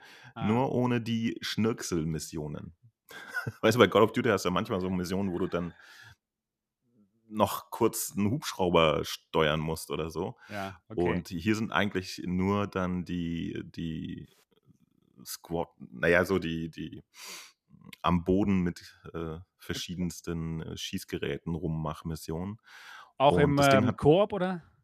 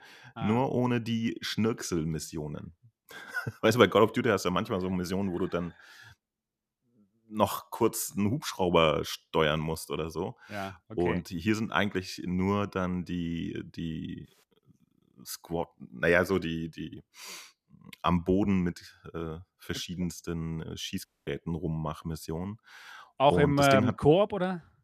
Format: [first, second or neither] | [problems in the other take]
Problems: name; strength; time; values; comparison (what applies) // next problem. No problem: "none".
first | audio cutting out; at 21 s